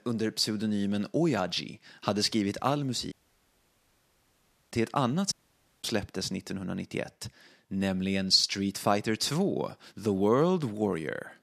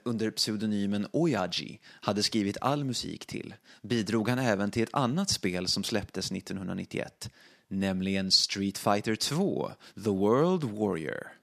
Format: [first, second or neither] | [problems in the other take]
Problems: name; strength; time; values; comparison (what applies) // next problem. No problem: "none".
second | audio cutting out; at 3 s for 1.5 s and at 5.5 s for 0.5 s